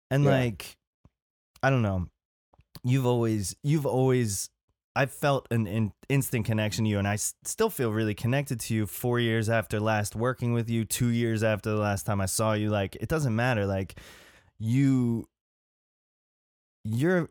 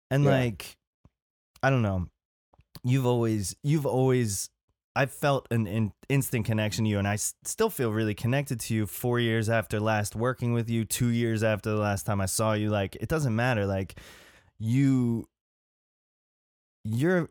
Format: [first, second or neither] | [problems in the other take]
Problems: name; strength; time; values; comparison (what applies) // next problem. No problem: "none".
neither | none